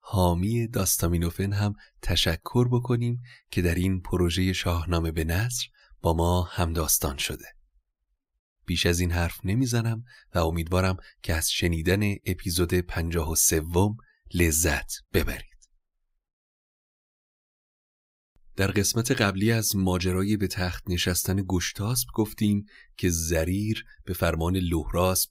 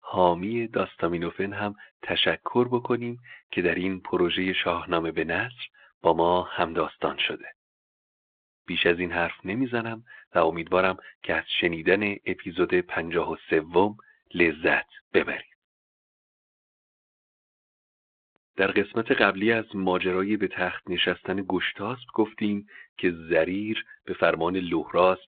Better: first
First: none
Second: phone-call audio

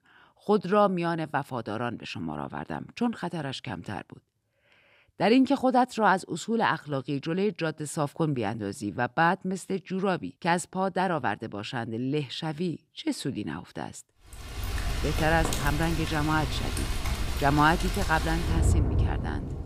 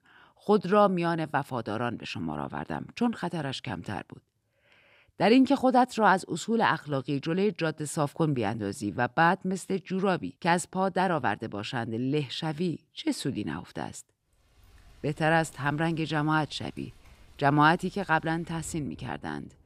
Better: second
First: rain or running water; loud; from 15 s on; 2 dB below the speech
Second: rain or running water; faint; from 15 s on; 30 dB below the speech

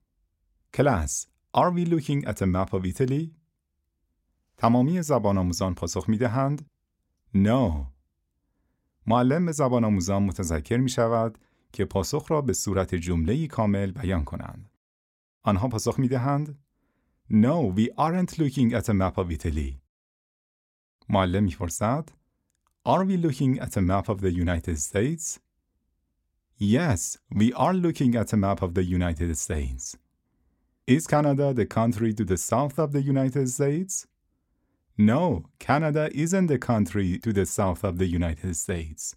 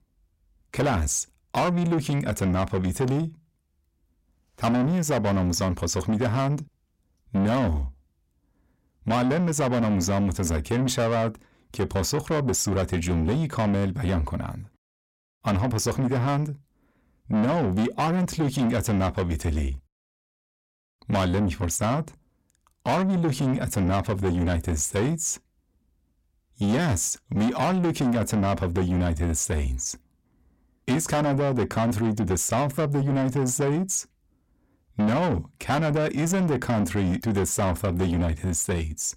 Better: first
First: none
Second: distortion; heavy; 8 dB below the speech

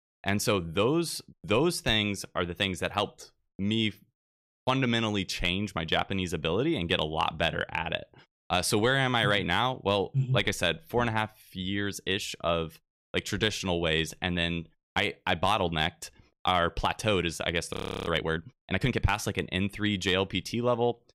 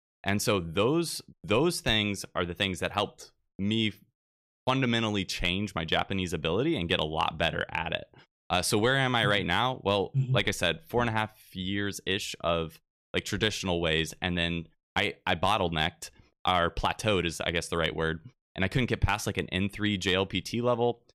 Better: second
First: audio freezing; at 18 s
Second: none

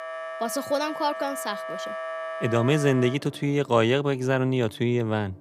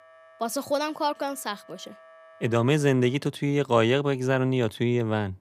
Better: second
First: background music; loud; throughout; 10 dB below the speech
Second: background music; faint; throughout; 25 dB below the speech

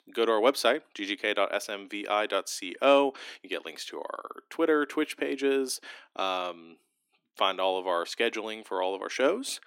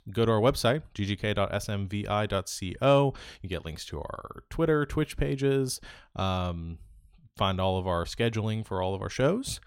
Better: second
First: thin; somewhat; fading below 300 Hz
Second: none

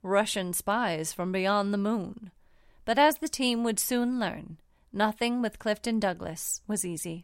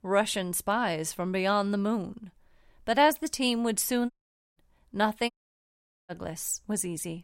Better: first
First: none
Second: audio cutting out; at 4 s and at 5.5 s for 1 s

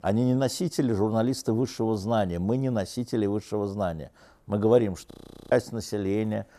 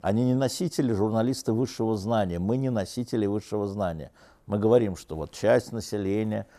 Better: second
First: audio freezing; at 5 s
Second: none

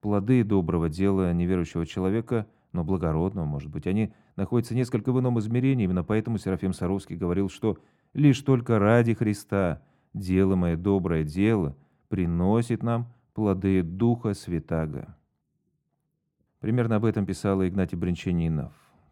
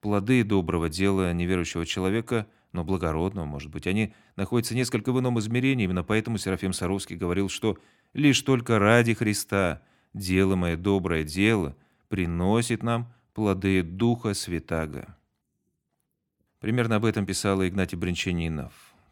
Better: second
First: muffled; slightly; fading above 1.5 kHz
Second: none

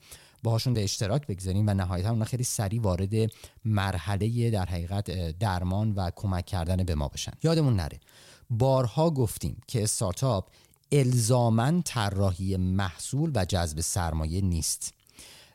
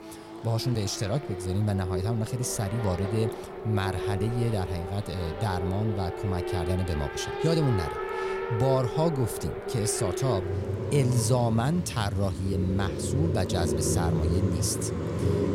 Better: first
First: none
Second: traffic noise; loud; throughout; 3 dB below the speech

